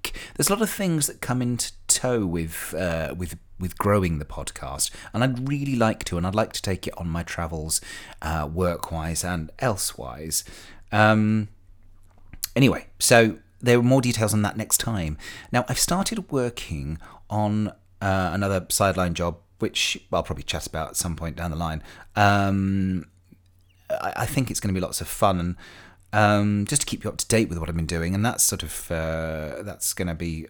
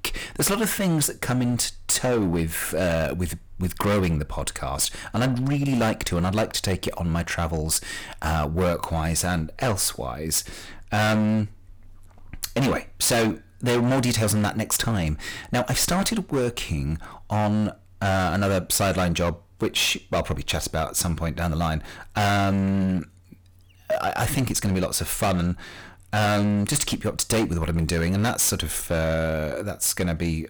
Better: first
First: none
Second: distortion; heavy; 15% of the sound clipped

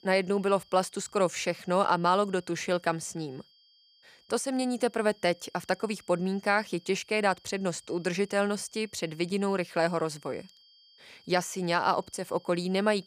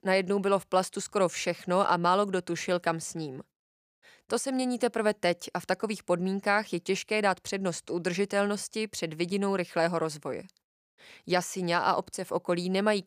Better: second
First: high-pitched whine; faint; throughout; 4.5 kHz, 30 dB below the speech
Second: none

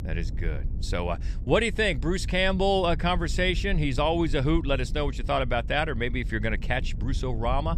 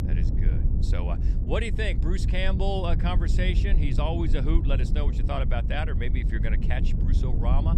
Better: first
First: low rumble; faint; throughout; 25 dB below the speech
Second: low rumble; loud; throughout; 8 dB below the speech

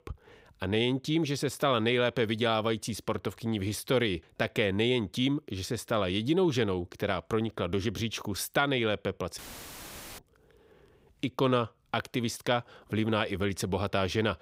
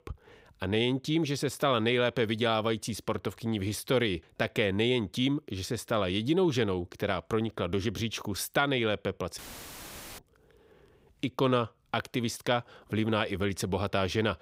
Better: neither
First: audio cutting out; filled with static; at 9.5 s for 1 s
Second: audio cutting out; filled with static; at 9.5 s for 1 s

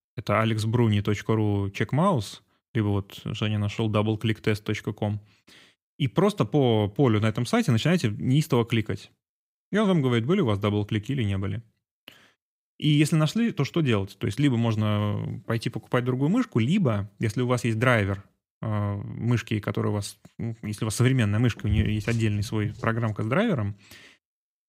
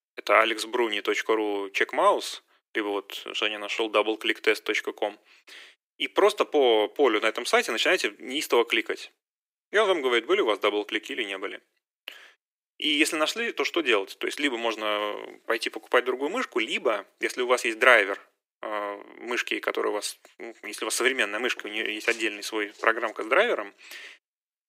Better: first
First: none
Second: thin; very; fading below 350 Hz

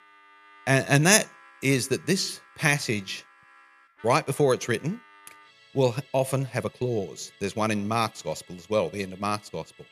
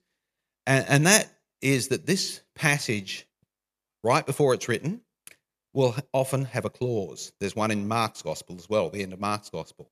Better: second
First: background music; faint; throughout; 25 dB below the speech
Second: none

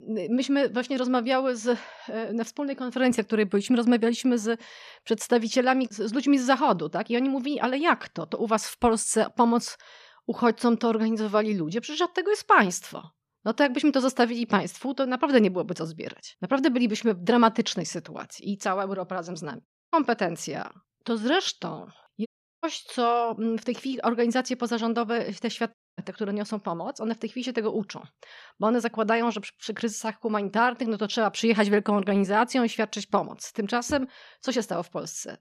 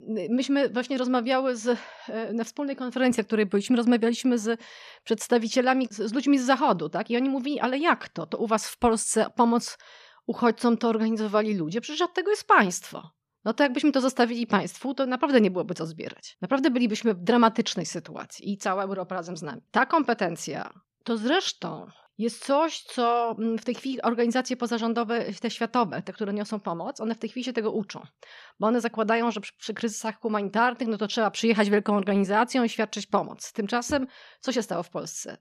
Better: second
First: audio cutting out; at 20 s, at 22 s and at 26 s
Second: none

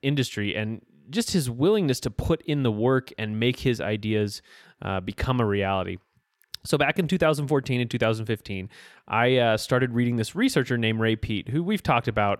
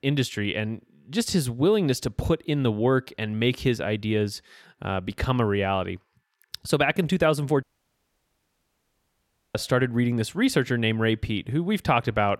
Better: first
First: none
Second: audio cutting out; at 7.5 s for 2 s

